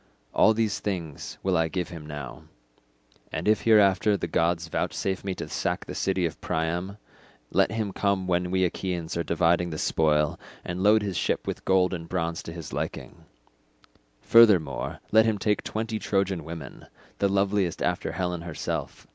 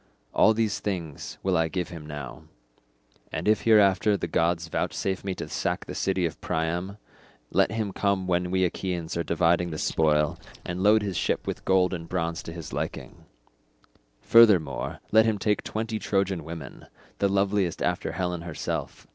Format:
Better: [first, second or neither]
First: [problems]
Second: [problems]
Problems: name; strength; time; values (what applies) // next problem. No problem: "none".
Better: first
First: none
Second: noise reduction (neural separator model SepFormer DNS4)